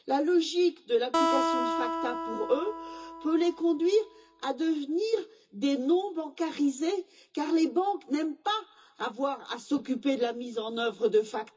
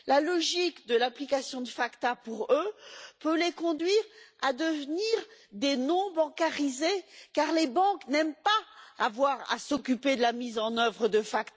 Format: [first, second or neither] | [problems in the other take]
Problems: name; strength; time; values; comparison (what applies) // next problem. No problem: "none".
second | background sound (Acoustic guitar); 3 dB below the speech // room echo; dies away in 0.2 s